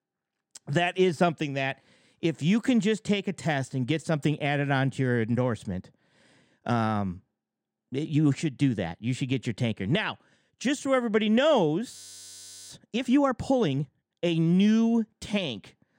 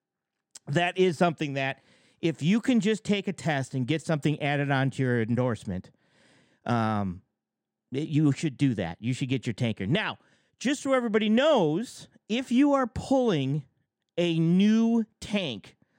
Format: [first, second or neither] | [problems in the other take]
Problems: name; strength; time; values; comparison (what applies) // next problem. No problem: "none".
second | audio freezing; at 12 s for 0.5 s